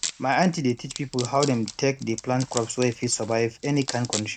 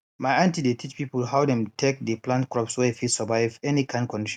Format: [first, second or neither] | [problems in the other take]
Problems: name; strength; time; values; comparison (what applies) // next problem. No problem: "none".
second | background sound (Wood); 12 dB below the speech